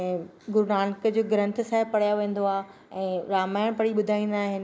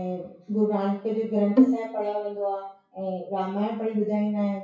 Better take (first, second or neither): first